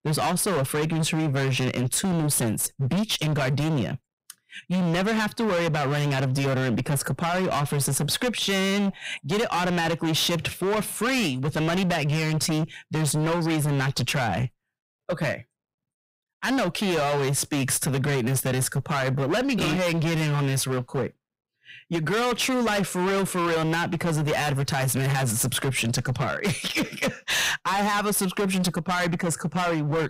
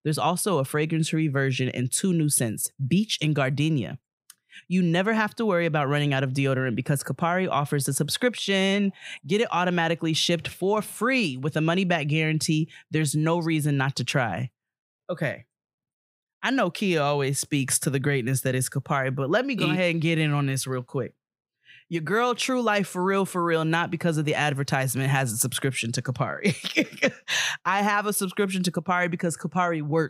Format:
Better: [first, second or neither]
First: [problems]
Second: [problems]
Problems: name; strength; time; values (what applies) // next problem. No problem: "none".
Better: second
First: distortion; heavy; 31% of the sound clipped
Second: none